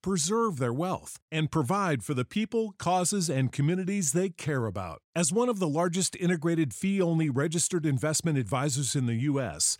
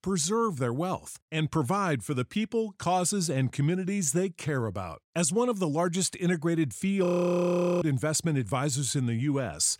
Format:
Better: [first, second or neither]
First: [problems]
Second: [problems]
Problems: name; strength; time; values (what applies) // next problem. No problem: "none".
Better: first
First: none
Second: audio freezing; at 7 s for 1 s